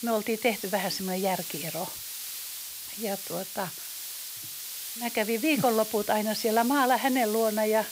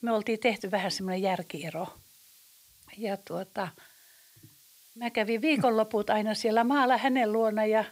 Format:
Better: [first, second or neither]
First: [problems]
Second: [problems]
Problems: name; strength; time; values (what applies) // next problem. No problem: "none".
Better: second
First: hiss; loud; throughout; 7 dB below the speech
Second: hiss; faint; throughout; 25 dB below the speech